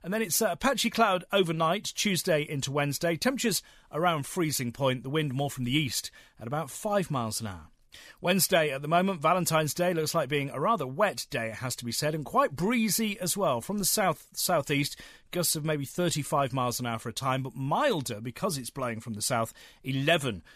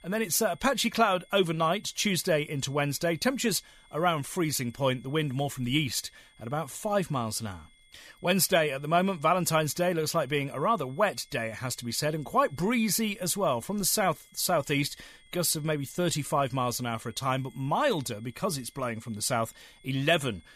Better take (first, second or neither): first